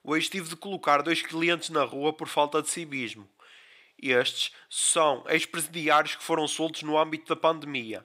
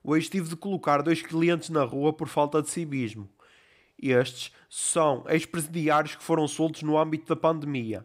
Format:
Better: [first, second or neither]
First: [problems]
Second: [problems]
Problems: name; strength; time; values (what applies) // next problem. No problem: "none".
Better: second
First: thin; somewhat; fading below 700 Hz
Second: none